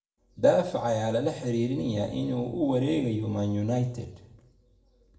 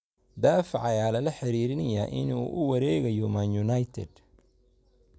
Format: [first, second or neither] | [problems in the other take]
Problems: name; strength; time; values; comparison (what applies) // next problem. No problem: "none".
second | room echo; dies away in 0.7 s